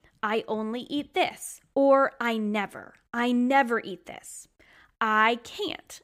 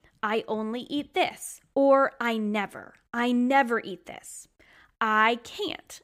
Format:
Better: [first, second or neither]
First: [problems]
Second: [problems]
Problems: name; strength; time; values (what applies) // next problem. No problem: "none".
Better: neither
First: none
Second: none